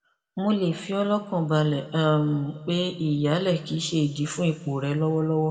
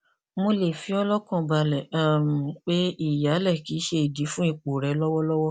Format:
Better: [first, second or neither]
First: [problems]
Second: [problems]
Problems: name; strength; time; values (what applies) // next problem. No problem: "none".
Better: second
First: room echo; dies away in 1.5 s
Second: none